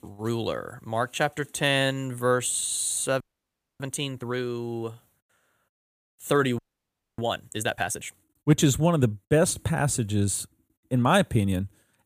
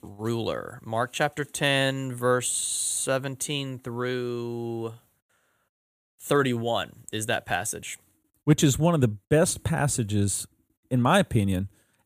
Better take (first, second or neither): second